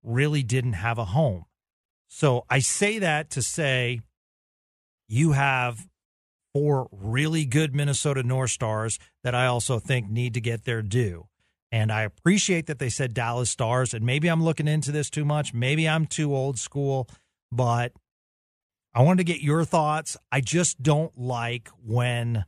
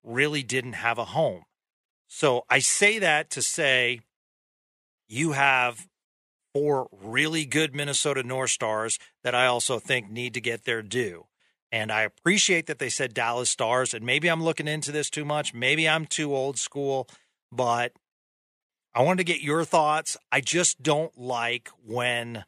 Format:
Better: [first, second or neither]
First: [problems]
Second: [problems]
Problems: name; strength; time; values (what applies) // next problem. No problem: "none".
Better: first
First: none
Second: thin; somewhat; fading below 300 Hz